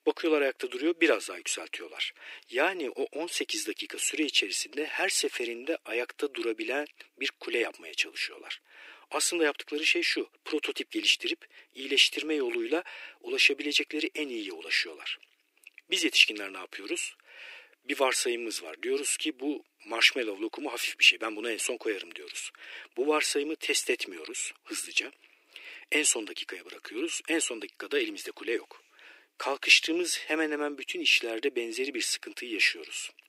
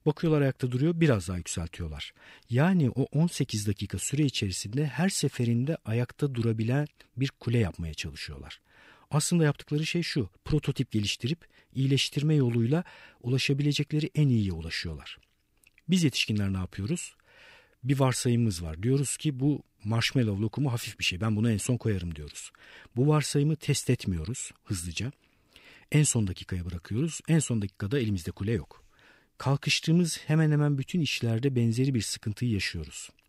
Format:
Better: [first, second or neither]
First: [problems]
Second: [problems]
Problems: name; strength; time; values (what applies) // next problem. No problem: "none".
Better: second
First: thin; very; fading below 300 Hz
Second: none